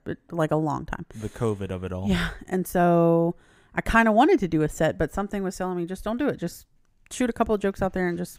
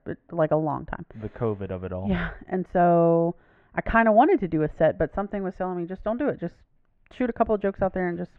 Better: first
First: none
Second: muffled; very; fading above 2.5 kHz

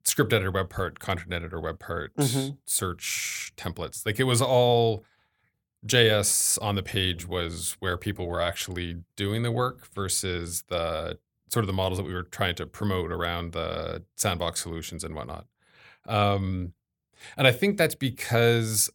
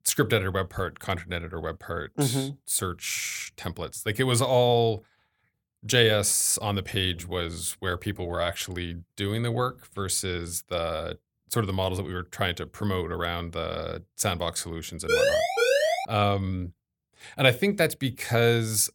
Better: first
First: none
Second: siren; loud; at 15 s; peak 5 dB above the speech

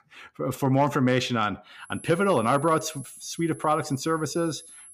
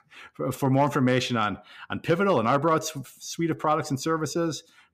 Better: second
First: high-pitched whine; noticeable; from 2 s on; 11 kHz, 20 dB below the speech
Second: none

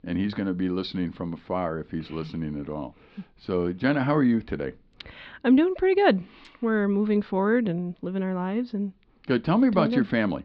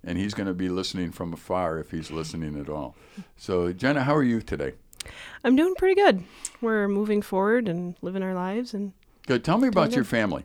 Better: second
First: muffled; very slightly; fading above 4 kHz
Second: none

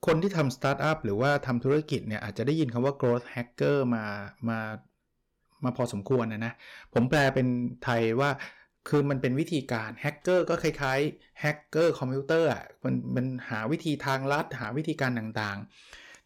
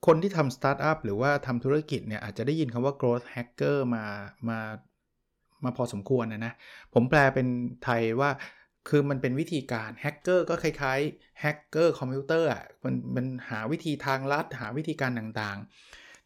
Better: second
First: distortion; slight; 3% of the sound clipped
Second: none

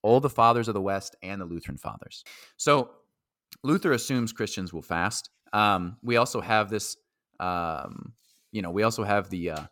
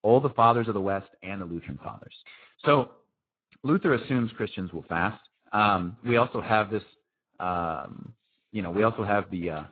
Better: first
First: none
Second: garbled, watery; badly; nothing above 4 kHz

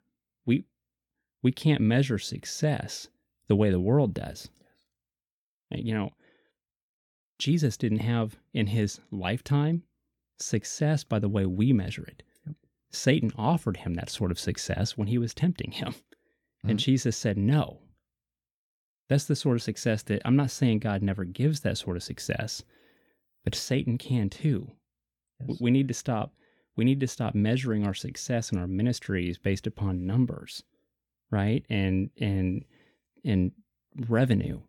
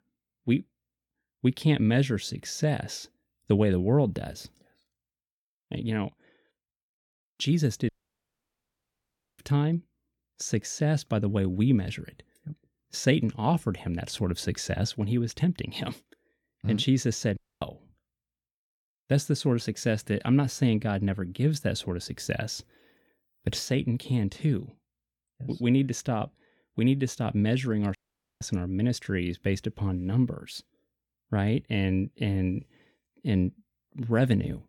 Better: first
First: none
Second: audio cutting out; at 8 s for 1.5 s, at 17 s and at 28 s

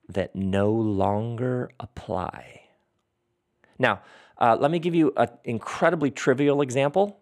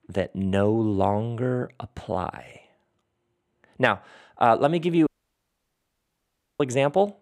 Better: first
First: none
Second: audio cutting out; at 5 s for 1.5 s

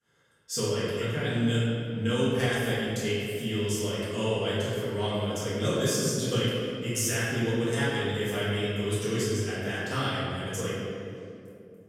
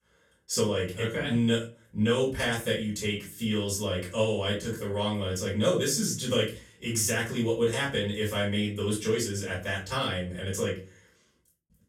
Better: second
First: room echo; strong; dies away in 2.4 s // off-mic speech; far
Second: room echo; slight; dies away in 0.3 s // off-mic speech; far

